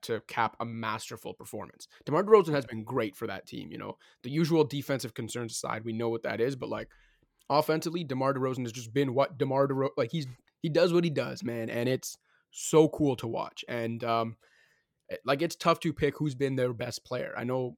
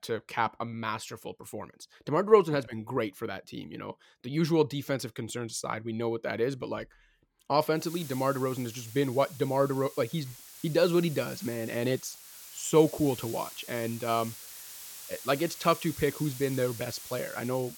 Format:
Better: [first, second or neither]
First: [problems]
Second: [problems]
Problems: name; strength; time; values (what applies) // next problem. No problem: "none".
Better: first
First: none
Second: hiss; noticeable; from 8 s on; 15 dB below the speech